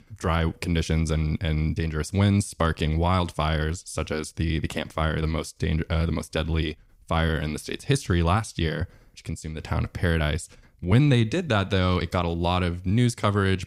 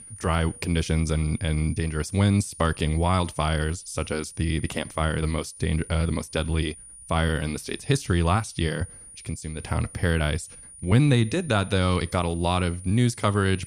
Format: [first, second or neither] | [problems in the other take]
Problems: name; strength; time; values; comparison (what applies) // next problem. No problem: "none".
first | high-pitched whine; noticeable; throughout; 9.5 kHz, 15 dB below the speech